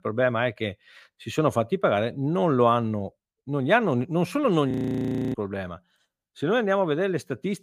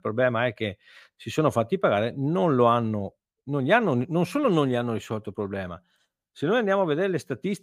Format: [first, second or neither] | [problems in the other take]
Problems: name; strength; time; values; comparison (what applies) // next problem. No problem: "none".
second | audio freezing; at 4.5 s for 0.5 s